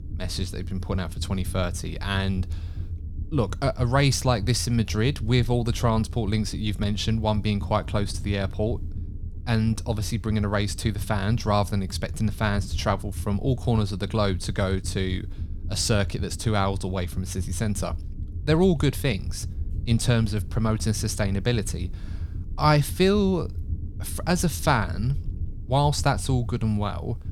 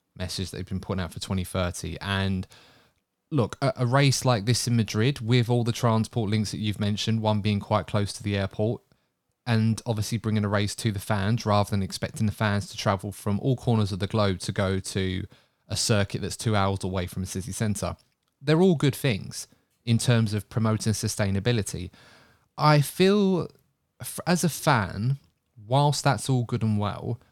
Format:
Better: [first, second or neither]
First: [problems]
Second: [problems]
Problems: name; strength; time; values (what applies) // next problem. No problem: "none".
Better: second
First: low rumble; faint; throughout; 20 dB below the speech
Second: none